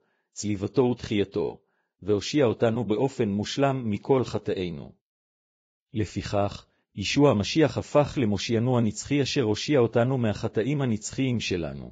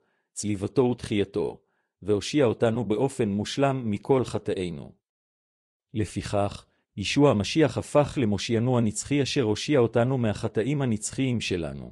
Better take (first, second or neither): second